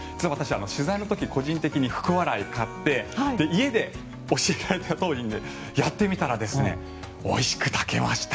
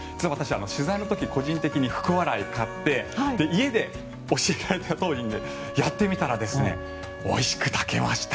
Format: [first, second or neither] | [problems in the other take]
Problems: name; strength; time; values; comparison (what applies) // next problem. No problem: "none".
first | background sound (Wind instrument, woodwind instrument); 13 dB below the speech